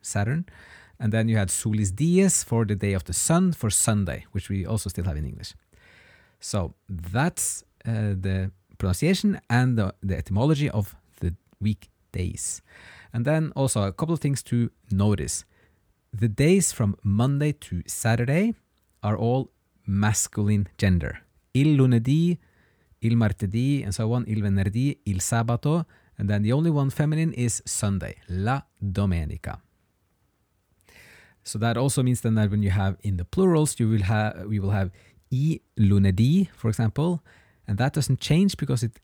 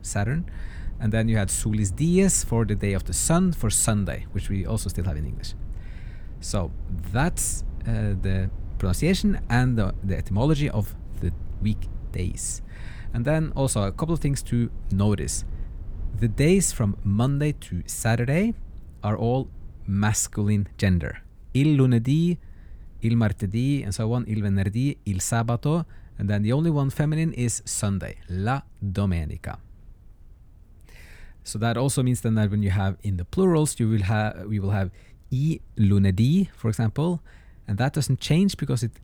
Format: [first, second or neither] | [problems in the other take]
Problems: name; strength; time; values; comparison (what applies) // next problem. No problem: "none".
first | low rumble; faint; throughout; 25 dB below the speech